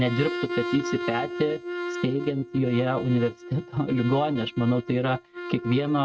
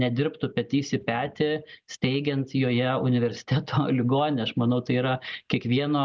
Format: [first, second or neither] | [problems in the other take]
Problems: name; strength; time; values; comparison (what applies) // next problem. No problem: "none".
second | noise reduction (neural mask model RNNoise)